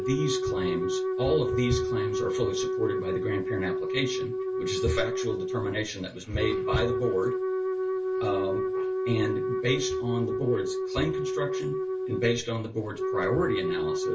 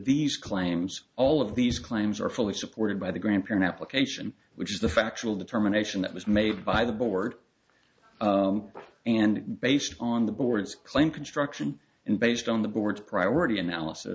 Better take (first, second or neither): second